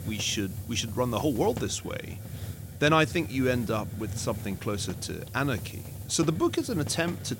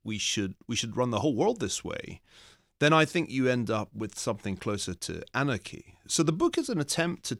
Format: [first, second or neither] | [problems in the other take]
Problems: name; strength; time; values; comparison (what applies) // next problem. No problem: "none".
second | hiss; noticeable; throughout; 10 dB below the speech